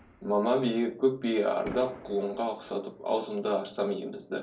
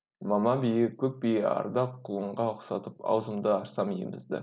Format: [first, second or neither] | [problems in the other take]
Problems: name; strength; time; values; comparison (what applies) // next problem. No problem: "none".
second | background sound (Fireworks); 20 dB below the speech // room echo; dies away in 0.3 s